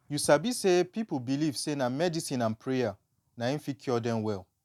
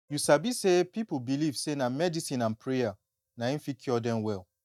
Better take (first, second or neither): first